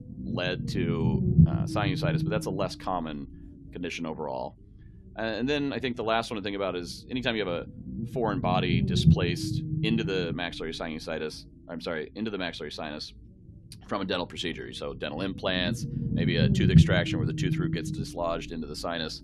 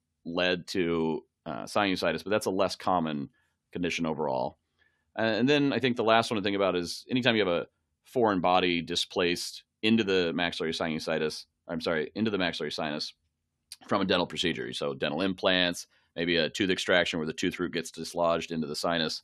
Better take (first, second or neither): second